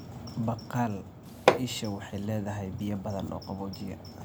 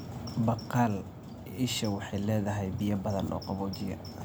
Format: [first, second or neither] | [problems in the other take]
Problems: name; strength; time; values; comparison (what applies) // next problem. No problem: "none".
second | background sound (Hammer); 5 dB above the speech